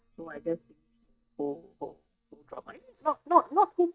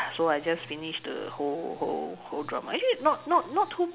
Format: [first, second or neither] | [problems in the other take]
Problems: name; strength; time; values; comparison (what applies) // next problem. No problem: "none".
second | noise reduction (neural mask model DeepFilterNet 3)